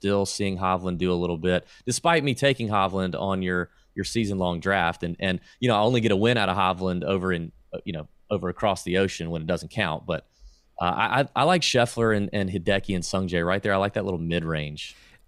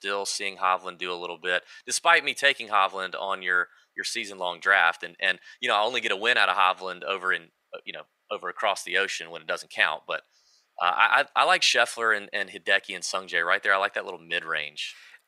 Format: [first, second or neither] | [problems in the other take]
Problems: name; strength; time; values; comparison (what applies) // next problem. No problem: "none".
first | thin; very; fading below 750 Hz